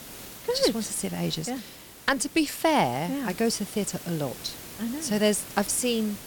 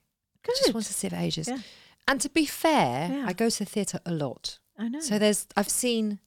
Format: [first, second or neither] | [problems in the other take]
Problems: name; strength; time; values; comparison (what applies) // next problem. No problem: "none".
second | hiss; noticeable; throughout; 15 dB below the speech